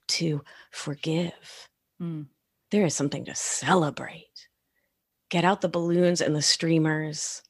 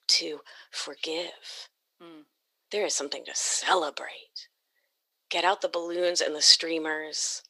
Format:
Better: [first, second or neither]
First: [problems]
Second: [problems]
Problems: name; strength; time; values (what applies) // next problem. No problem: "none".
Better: first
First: none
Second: thin; very; fading below 400 Hz